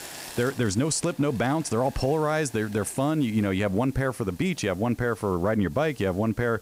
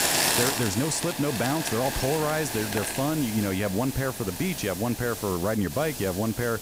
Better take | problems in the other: first | hiss; loud; throughout; 2 dB below the speech; faint in the first

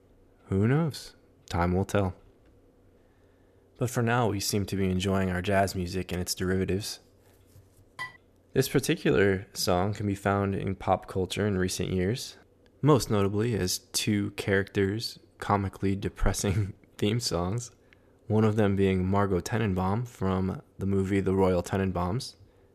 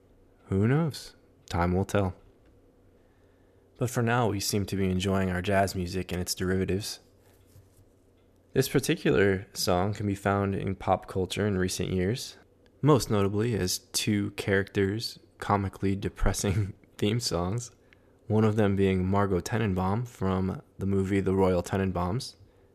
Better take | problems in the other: second | clattering dishes; faint; at 8 s; peak 10 dB below the speech

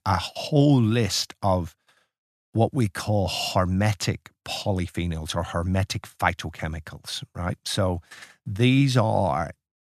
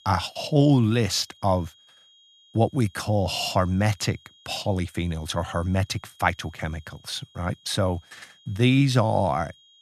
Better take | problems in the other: first | high-pitched whine; faint; throughout; 3.5 kHz, 30 dB below the speech

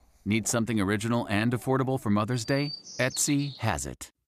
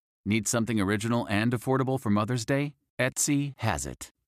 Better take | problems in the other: second | animal sounds; noticeable; throughout; 15 dB below the speech

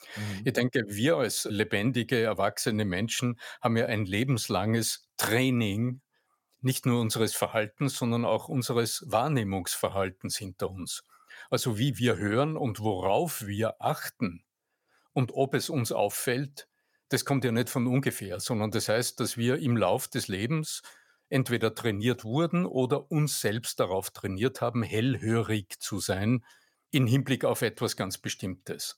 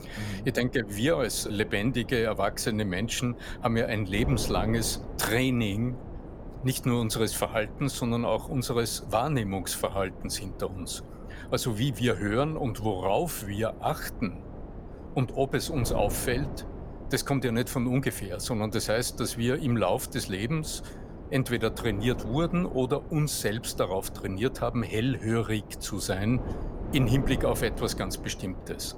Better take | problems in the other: first | wind noise on the microphone; occasional gusts; 15 dB below the speech

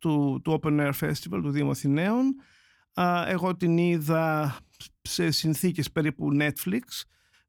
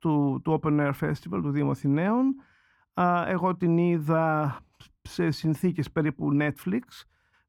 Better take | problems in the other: first | muffled; slightly; fading above 2.5 kHz

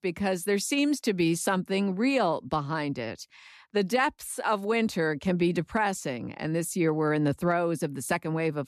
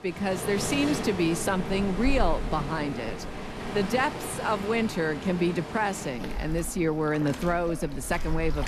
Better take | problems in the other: first | rain or running water; loud; throughout; 7 dB below the speech

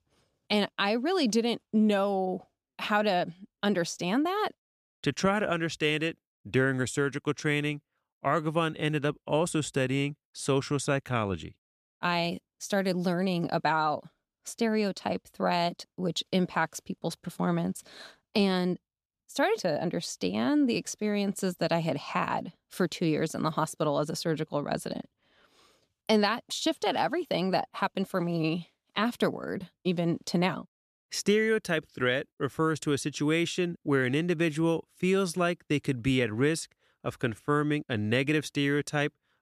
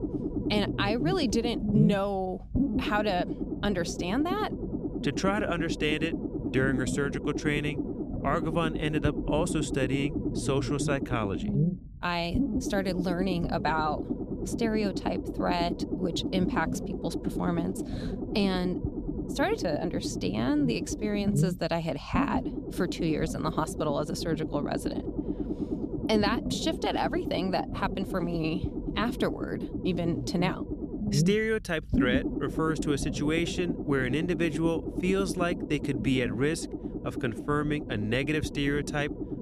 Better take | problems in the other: first | low rumble; loud; throughout; 7 dB below the speech

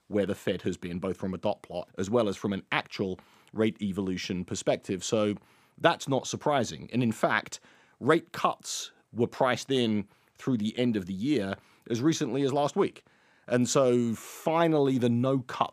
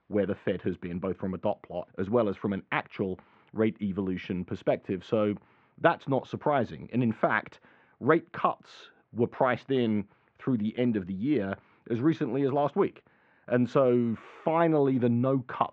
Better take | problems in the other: first | muffled; very; fading above 2.5 kHz

